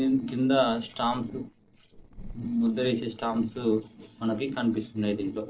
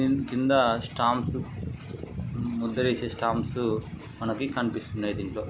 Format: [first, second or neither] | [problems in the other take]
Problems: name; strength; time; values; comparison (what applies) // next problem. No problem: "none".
second | noise reduction (neural separator model SepFormer DNS4)